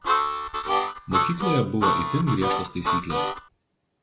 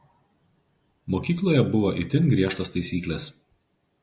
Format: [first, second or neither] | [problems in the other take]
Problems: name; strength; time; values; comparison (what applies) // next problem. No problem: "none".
second | background sound (Harmonica); 3 dB above the speech